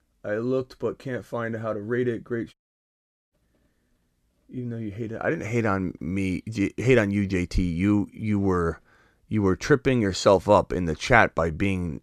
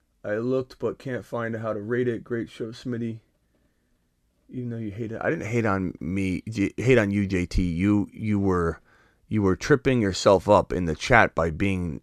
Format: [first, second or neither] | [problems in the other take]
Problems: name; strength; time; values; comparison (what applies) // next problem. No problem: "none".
second | audio cutting out; at 2.5 s for 1 s